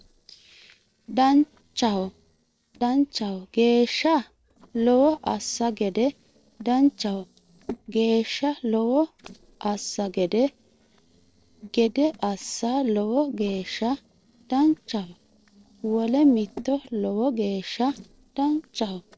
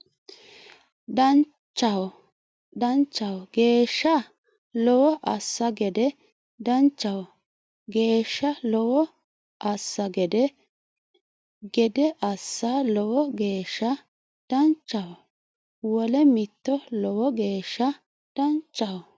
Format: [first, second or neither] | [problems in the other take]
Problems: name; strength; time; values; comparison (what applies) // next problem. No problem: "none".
second | noise reduction (neural separator model SepFormer DNS4)